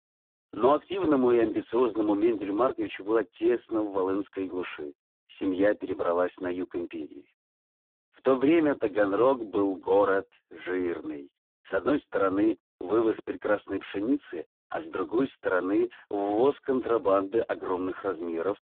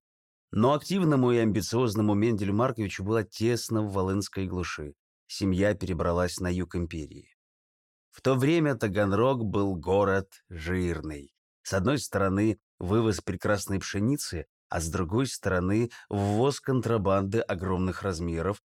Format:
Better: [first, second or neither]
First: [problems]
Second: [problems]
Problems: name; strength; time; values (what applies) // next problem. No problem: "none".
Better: second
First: phone-call audio; poor line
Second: none